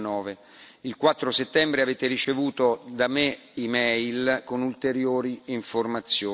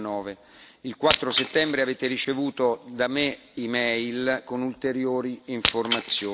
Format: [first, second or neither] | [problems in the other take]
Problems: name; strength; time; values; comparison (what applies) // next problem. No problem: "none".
first | background sound (Shatter); 8 dB below the speech